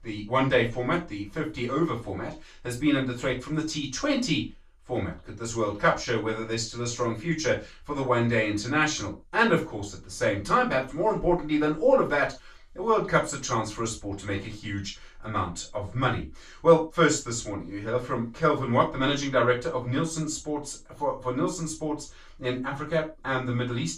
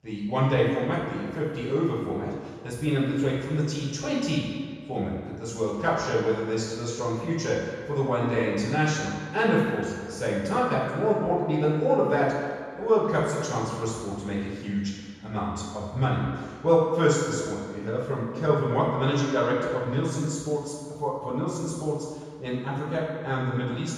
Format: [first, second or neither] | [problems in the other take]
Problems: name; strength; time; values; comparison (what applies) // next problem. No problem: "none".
first | room echo; strong; dies away in 1.7 s; slight in the first // off-mic speech; far; far in the first